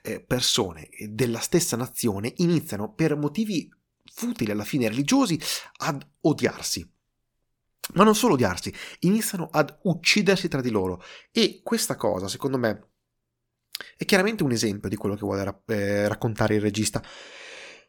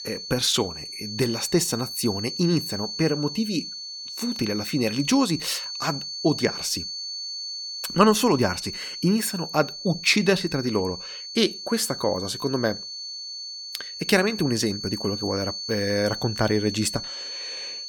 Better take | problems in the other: first | high-pitched whine; loud; throughout; 4.5 kHz, 7 dB below the speech

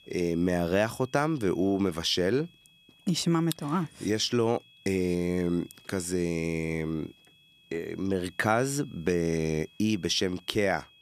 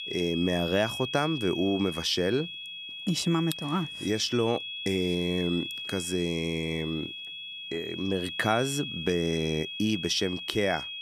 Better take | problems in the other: first | high-pitched whine; loud; throughout; 3.5 kHz, 6 dB below the speech; faint in the first

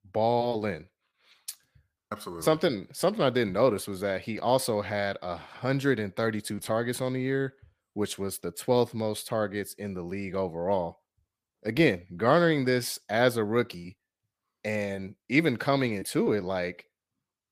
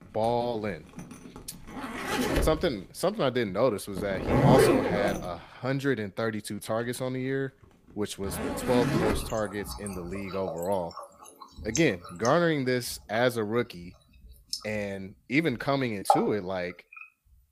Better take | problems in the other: first | household noises; very loud; throughout; 1 dB above the speech

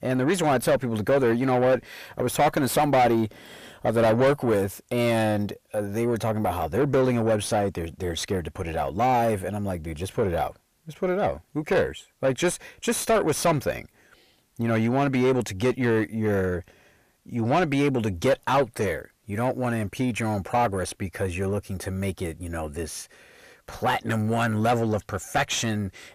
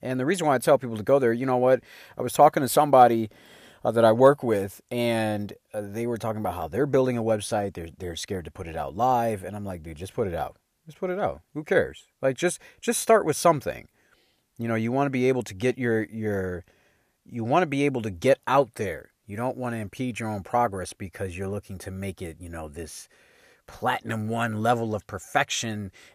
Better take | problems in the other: second | distortion; heavy; 7 dB below the speech

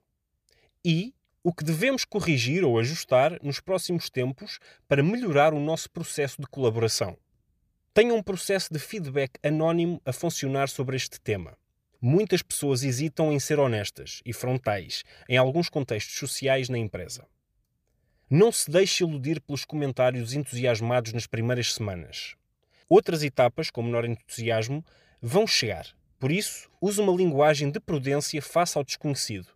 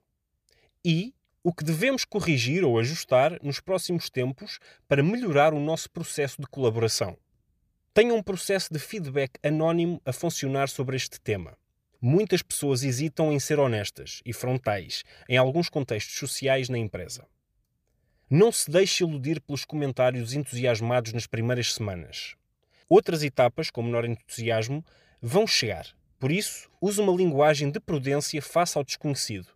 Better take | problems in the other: neither | none

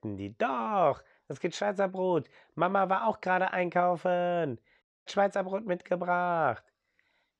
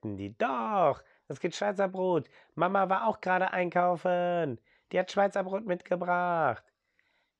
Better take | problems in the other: second | audio cutting out; at 5 s

